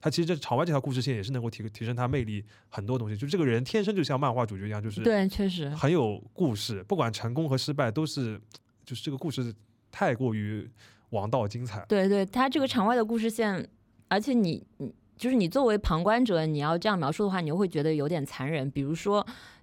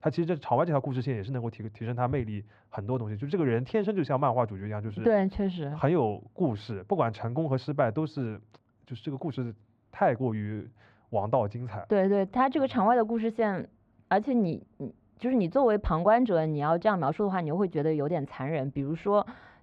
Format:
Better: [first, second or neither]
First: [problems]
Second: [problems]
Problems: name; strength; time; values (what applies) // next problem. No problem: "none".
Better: first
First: none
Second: muffled; very; fading above 2 kHz